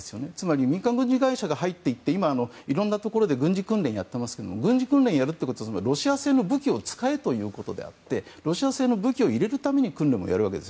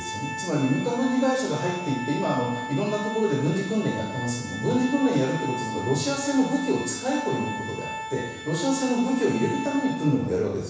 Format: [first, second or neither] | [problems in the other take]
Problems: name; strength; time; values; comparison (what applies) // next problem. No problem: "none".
first | background sound (Organ); 9 dB below the speech // room echo; dies away in 1.1 s